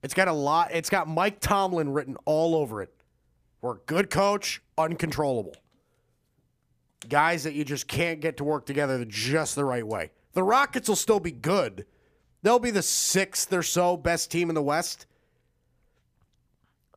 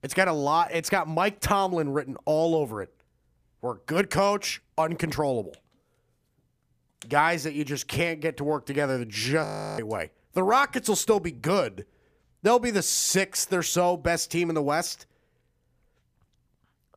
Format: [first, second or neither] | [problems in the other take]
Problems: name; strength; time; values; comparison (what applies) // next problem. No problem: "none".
first | audio freezing; at 9.5 s